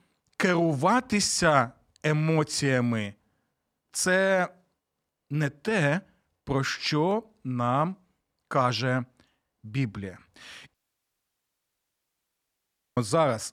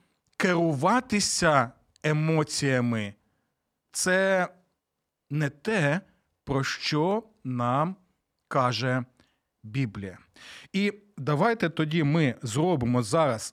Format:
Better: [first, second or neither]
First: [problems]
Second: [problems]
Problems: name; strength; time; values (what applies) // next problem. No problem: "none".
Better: second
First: audio cutting out; at 11 s for 2 s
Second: none